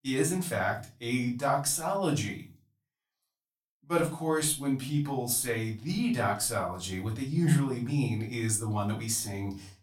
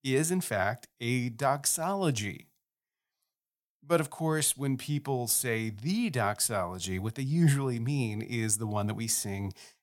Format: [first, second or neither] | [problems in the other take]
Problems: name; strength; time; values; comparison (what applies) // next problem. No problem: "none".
second | off-mic speech; far // room echo; very slight; dies away in 0.3 s